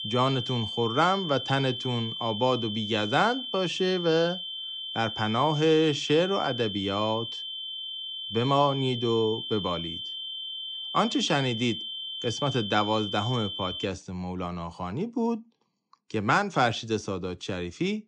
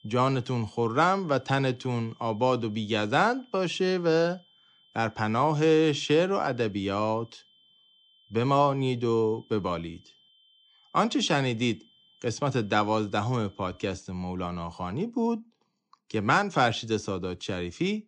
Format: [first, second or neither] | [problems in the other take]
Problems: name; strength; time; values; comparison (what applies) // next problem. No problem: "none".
second | high-pitched whine; loud; until 14 s; 3 kHz, 6 dB below the speech; faint in the second